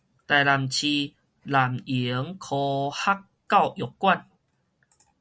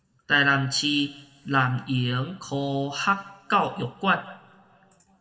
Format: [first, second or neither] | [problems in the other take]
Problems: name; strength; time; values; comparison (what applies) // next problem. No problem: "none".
first | room echo; dies away in 1.3 s